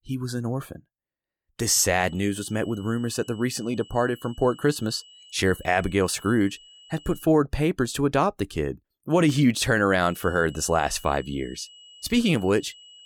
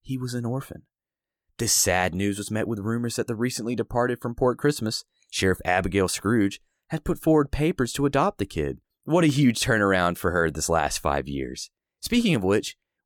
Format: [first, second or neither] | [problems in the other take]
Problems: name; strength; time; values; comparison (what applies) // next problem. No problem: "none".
second | high-pitched whine; faint; from 2 to 7.5 s and from 10 s on; 3 kHz, 25 dB below the speech